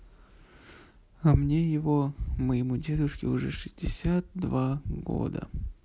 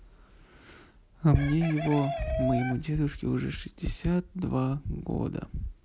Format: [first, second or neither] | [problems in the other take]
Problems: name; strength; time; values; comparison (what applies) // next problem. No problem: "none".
first | background sound (Chicken, rooster); 8 dB below the speech